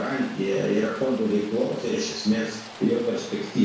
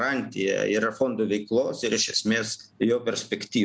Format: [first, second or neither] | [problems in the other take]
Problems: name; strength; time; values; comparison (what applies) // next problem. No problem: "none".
second | background sound (Rain); 17 dB below the speech // room echo; dies away in 0.6 s